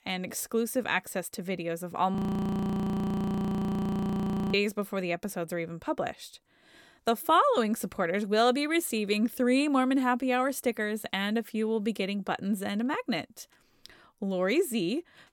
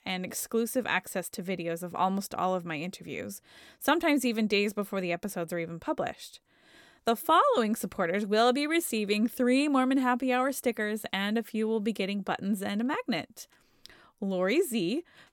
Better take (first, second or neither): second